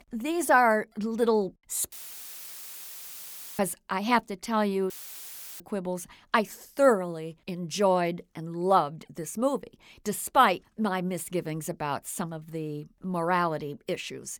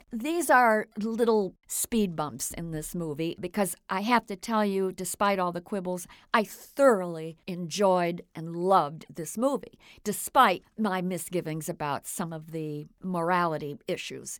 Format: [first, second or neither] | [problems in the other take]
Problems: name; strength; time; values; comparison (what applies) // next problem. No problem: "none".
second | audio cutting out; filled with static; at 2 s for 1.5 s and at 5 s for 0.5 s